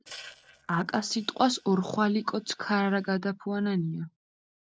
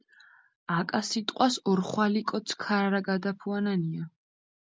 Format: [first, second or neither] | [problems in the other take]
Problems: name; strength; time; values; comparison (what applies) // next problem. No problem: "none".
second | noise reduction (neural separator model SepFormer DNS4)